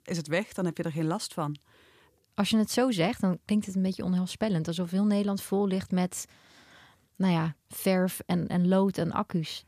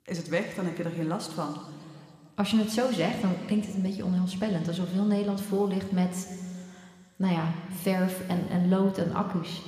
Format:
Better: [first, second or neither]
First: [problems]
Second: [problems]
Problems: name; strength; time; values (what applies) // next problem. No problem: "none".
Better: first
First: none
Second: room echo; slight; dies away in 2.2 s